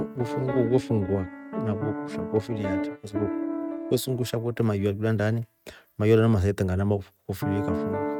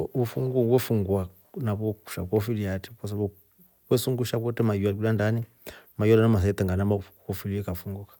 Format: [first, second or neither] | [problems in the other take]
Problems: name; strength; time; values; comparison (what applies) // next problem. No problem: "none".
second | noise reduction (neural mask model RNNoise)